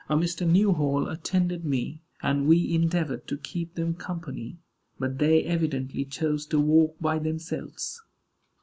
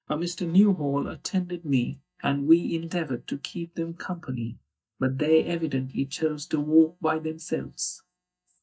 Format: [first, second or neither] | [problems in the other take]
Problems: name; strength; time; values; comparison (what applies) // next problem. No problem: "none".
first | noise reduction (neural mask model DeepFilterNet 3)